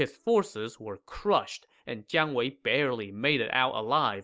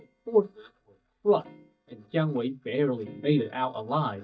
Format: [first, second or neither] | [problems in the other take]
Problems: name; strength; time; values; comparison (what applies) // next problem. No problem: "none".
first | noise reduction (neural mask model DeepFilterNet 3)